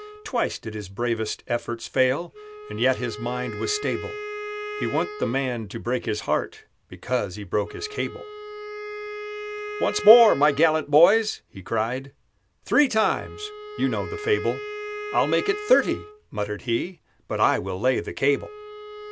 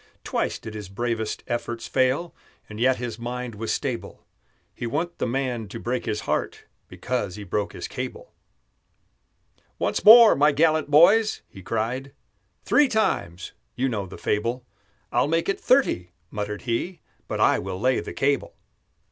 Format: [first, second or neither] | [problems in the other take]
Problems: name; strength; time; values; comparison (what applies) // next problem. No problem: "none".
second | background sound (Wind instrument, woodwind instrument); 12 dB below the speech